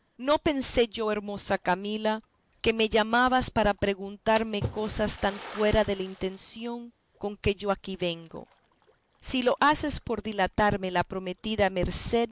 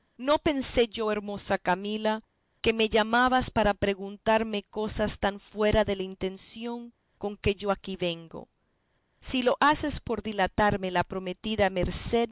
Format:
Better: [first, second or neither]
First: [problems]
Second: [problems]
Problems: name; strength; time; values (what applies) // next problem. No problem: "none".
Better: second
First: background sound (Splash, splatter); 19 dB below the speech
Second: none